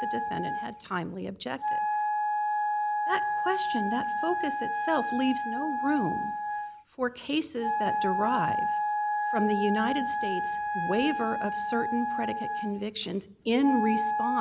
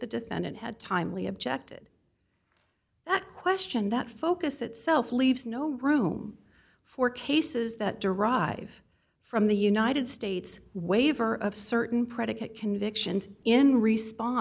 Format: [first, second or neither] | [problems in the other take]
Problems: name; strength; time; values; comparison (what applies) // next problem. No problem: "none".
second | background sound (Wind instrument, woodwind instrument); 1 dB above the speech